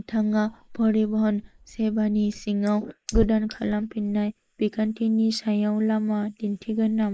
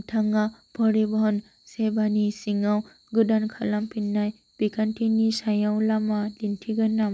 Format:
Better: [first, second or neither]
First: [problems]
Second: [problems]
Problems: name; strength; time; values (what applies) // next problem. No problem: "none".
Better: second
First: noise reduction (neural mask model Resemble Enhance denoiser)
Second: none